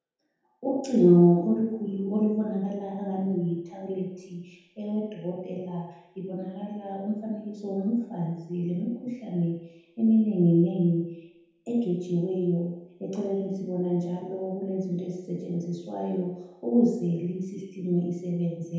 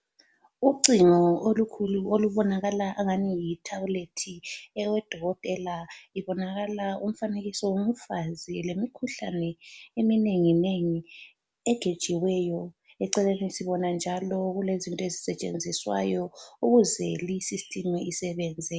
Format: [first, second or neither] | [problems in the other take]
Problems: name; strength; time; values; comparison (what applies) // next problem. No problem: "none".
second | room echo; dies away in 0.9 s